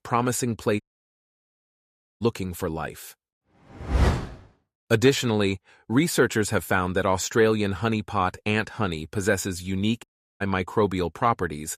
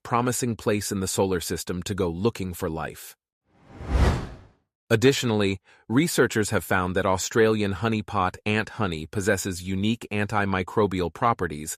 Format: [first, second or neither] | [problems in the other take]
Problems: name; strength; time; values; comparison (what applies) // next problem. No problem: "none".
second | audio cutting out; at 1 s for 1.5 s and at 10 s